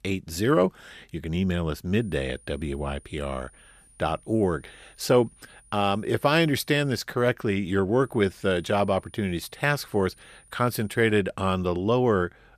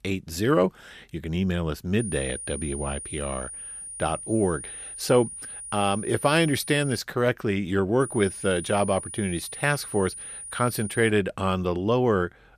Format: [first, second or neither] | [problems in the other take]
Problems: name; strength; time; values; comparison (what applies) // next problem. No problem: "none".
first | high-pitched whine; loud; from 2 to 7 s and from 8 to 11 s; 9.5 kHz, 10 dB below the speech; faint in the first